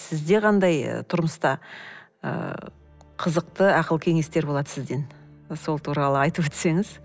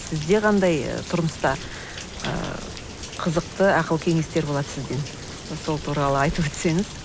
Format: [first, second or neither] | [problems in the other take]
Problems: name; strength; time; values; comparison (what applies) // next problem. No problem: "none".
first | background sound (Rain); 11 dB below the speech